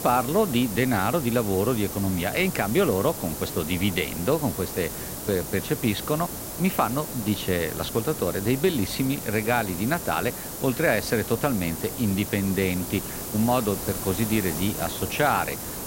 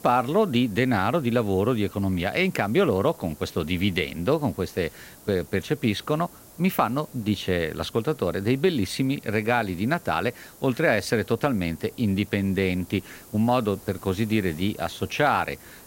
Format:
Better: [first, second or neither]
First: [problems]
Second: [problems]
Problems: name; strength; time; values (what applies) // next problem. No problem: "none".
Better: second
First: hiss; loud; throughout; 6 dB below the speech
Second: hiss; faint; throughout; 20 dB below the speech